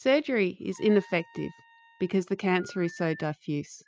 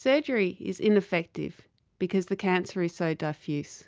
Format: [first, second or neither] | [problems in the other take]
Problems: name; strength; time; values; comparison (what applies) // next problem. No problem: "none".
second | noise reduction (classical method spectral subtraction)